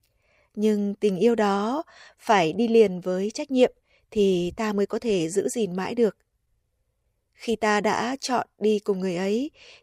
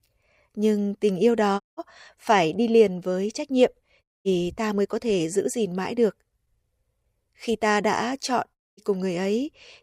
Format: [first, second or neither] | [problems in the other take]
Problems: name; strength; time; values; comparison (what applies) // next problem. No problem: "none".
first | audio cutting out; at 1.5 s, at 4 s and at 8.5 s